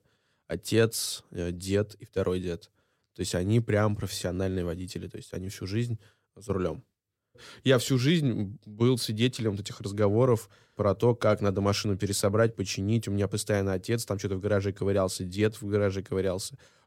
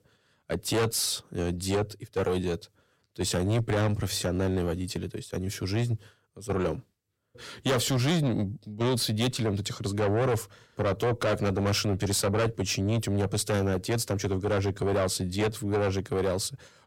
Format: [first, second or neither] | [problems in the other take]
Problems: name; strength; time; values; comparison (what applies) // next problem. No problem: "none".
first | distortion; heavy; 6 dB below the speech